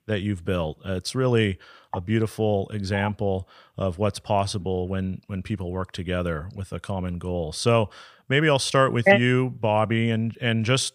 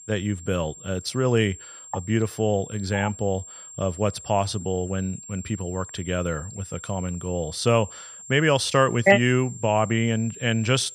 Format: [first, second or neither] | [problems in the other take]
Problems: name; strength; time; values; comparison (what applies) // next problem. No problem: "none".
first | high-pitched whine; noticeable; throughout; 7.5 kHz, 15 dB below the speech